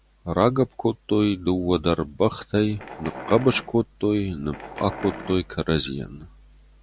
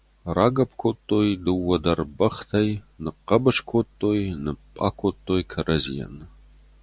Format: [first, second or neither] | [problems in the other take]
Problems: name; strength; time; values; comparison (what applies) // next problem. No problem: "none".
second | background sound (Wild animals); 14 dB below the speech